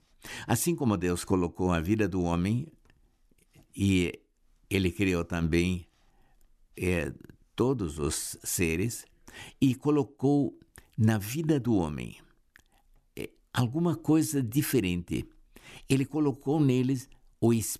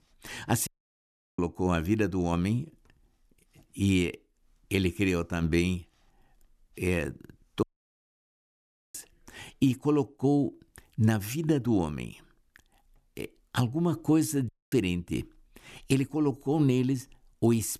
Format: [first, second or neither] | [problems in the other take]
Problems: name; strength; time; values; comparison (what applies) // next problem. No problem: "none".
first | audio cutting out; at 0.5 s for 0.5 s, at 7.5 s for 1.5 s and at 14 s